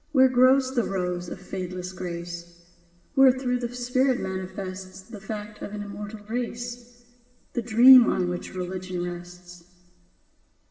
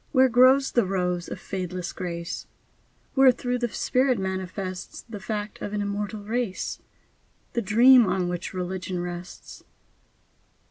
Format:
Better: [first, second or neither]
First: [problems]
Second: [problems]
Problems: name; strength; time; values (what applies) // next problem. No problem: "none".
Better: second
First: room echo; dies away in 1.6 s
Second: none